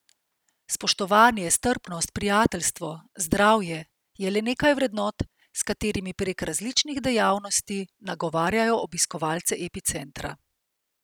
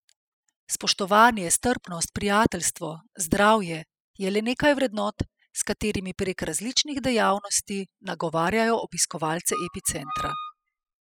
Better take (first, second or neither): first